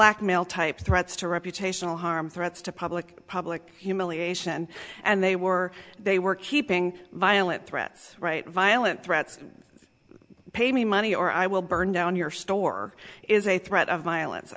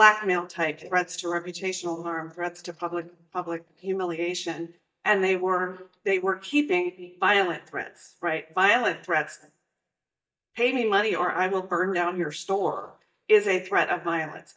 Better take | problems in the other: first | noise reduction (neural mask model DeepFilterNet 3)

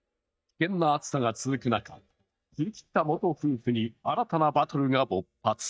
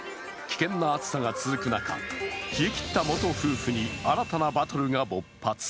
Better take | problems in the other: second | noise reduction (neural mask model DeepFilterNet 3)

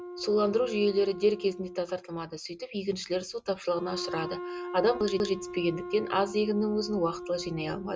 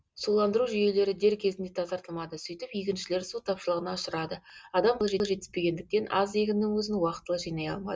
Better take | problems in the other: second | background sound (Wind instrument, woodwind instrument); 11 dB below the speech

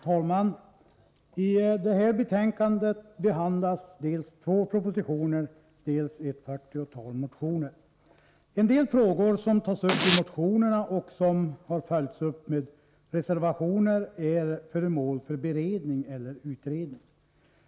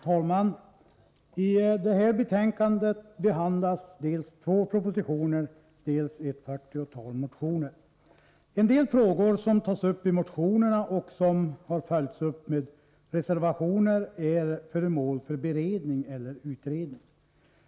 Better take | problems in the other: second | background sound (Domestic sounds, home sounds); 3 dB below the speech

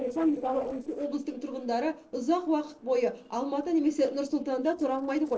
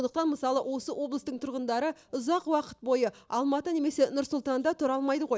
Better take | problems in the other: second | noise reduction (neural separator model SepFormer DNS4)

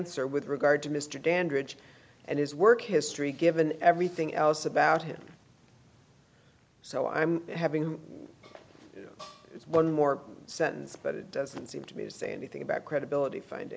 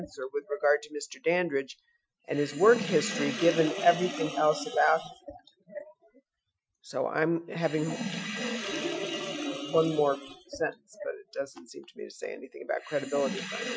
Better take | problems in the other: first | noise reduction (classical method Wiener filter)

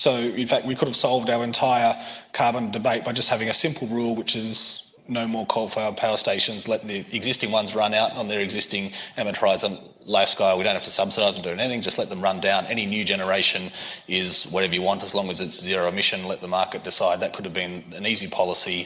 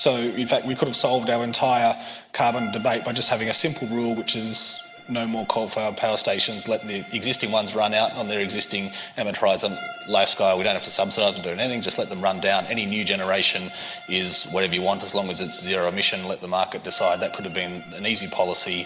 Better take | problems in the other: first | background sound (Bowed string instrument); 17 dB below the speech

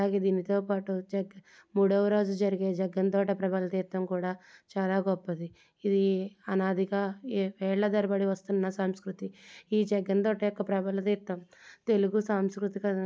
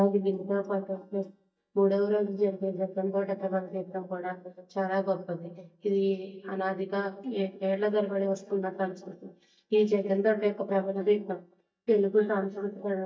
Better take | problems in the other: first | noise reduction (neural mask model DeepFilterNet 3)

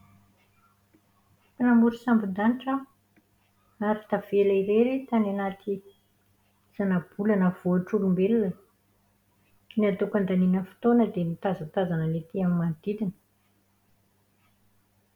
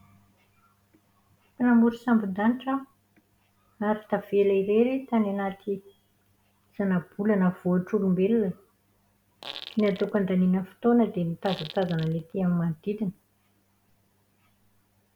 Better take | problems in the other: first | background sound (Fart); 16 dB below the speech

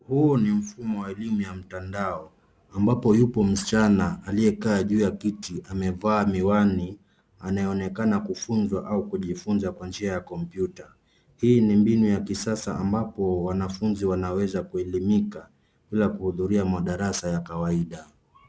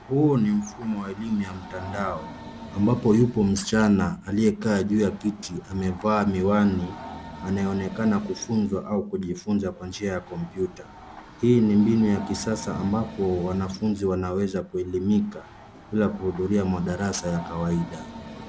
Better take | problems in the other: first | background sound (Train); 17 dB below the speech

